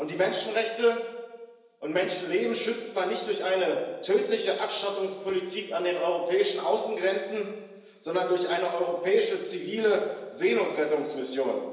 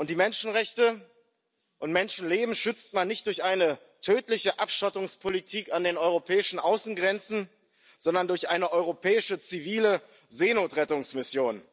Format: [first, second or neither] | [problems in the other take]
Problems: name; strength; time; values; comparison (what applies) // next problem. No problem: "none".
second | room echo; dies away in 1 s